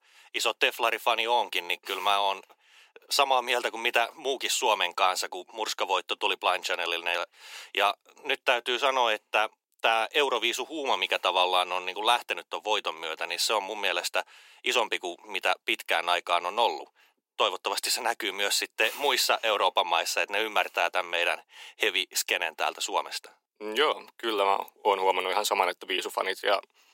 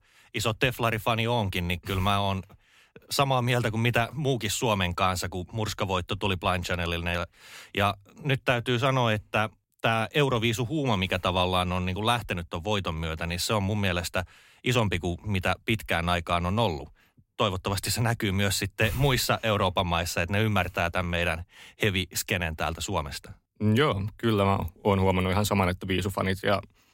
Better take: second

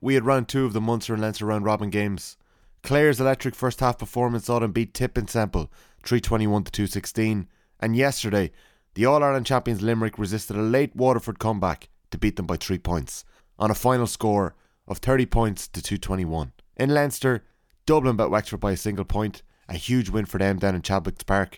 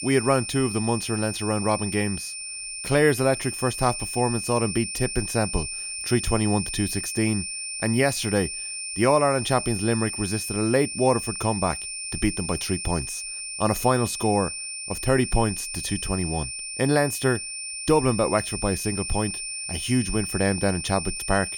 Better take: first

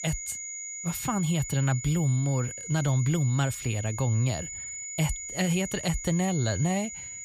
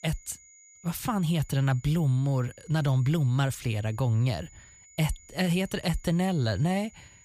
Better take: second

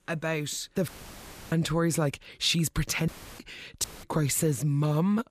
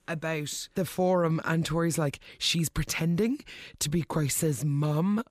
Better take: second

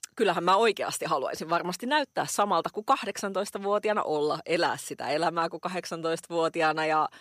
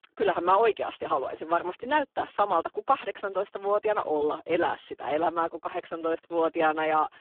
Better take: first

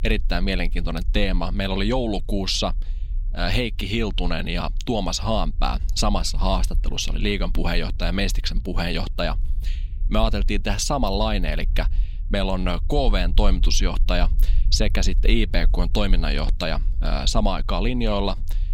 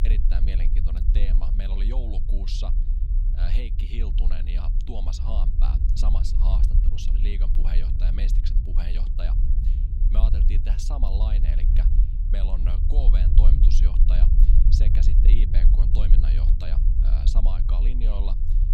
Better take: first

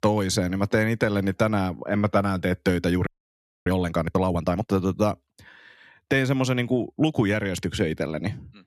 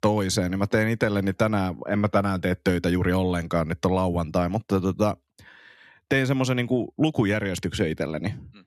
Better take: second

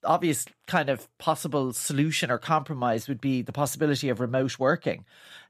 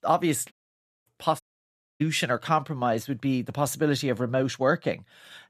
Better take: first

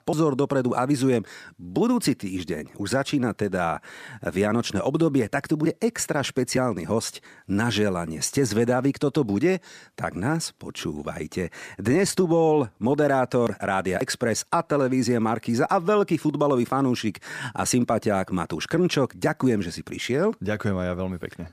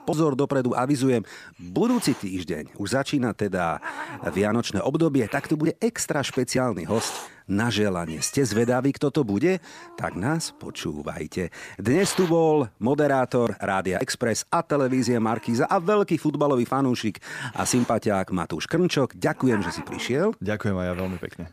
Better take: first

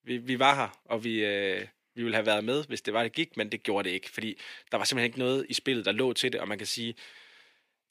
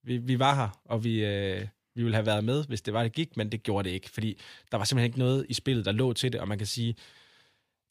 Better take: second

